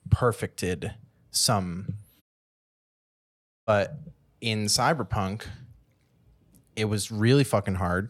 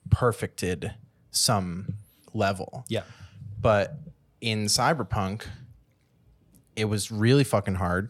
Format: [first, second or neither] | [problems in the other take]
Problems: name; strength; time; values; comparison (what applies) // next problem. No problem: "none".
second | audio cutting out; at 2 s for 1.5 s